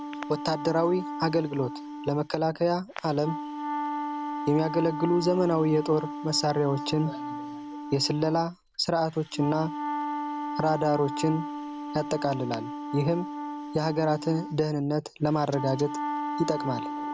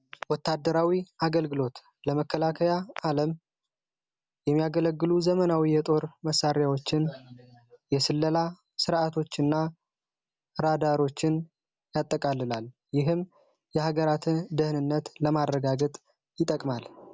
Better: second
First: background sound (Wind instrument, woodwind instrument); 7 dB below the speech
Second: none

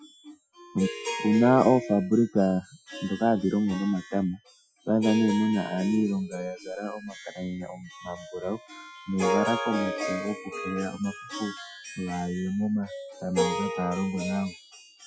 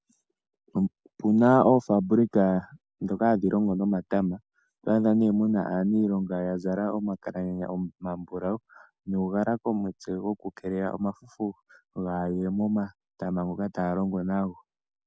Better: second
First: noise reduction (classical method Wiener filter)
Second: none

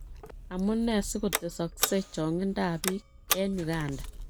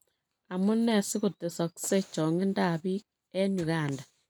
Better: second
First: background sound (Telephone); 6 dB below the speech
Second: none

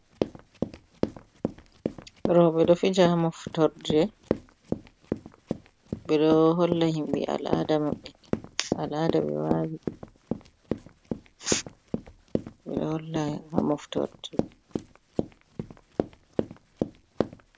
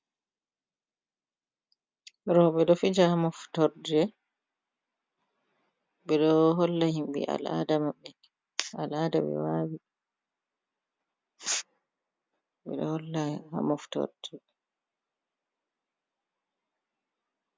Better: second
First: background sound (Run); 6 dB below the speech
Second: none

